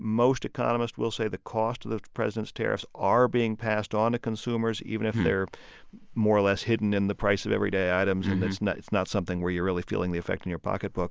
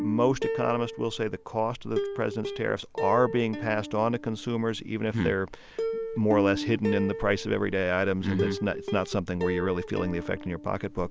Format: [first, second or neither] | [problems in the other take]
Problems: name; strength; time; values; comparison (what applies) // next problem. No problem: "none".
first | background sound (Plucked string instrument); 7 dB below the speech